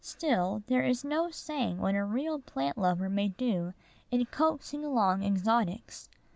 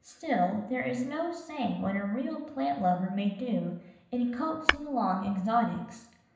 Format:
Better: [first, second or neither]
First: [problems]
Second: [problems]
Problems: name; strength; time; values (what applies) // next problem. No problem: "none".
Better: first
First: none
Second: background sound (Tap / Hammer); 2 dB below the speech // room echo; dies away in 0.8 s